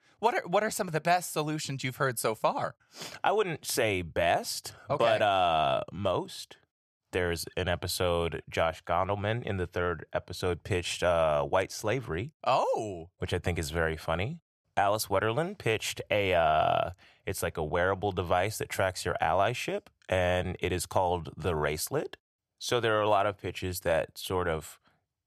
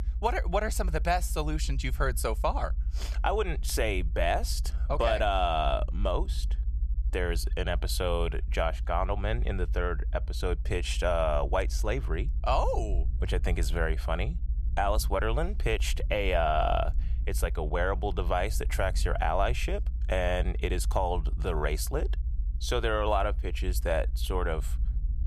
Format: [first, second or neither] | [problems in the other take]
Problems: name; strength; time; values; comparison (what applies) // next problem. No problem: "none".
first | low rumble; faint; throughout; 25 dB below the speech